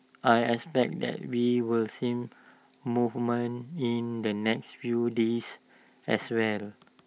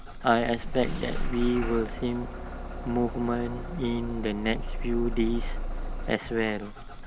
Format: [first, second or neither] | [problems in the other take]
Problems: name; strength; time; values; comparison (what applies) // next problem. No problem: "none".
first | background sound (Engine starting / Bus); 3 dB below the speech